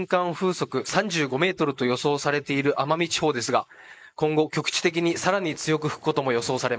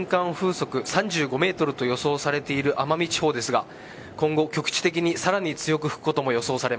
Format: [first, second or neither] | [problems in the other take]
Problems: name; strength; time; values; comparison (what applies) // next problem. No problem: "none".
second | noise reduction (neural mask model Resemble Enhance denoiser)